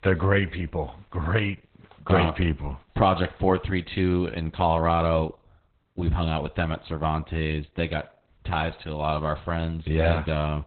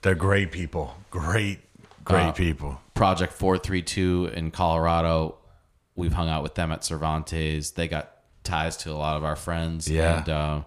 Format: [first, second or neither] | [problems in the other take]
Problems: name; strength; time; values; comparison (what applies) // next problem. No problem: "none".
second | garbled, watery; badly; nothing above 4 kHz